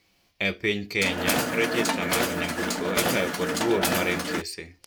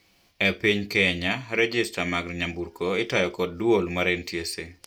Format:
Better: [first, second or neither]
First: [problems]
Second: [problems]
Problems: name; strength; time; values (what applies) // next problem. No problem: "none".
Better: second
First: background sound (Mechanisms); 2 dB above the speech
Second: none